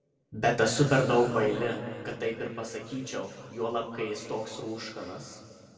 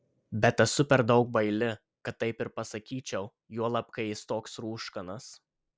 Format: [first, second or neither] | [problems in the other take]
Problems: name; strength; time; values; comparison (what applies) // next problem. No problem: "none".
second | room echo; dies away in 2.1 s